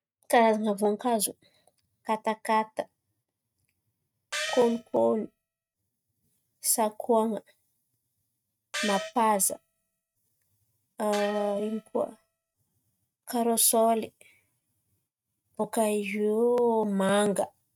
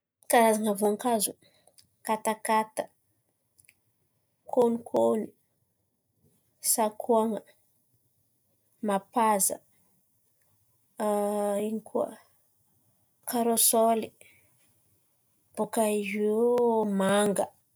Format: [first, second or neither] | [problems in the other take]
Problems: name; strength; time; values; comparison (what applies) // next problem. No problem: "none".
second | noise reduction (neural mask model RNNoise)